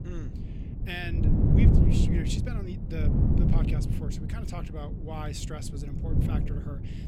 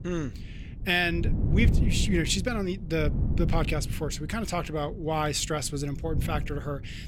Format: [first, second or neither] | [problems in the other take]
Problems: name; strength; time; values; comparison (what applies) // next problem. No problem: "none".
second | wind noise on the microphone; heavy; 3 dB above the speech; occasional gusts in the second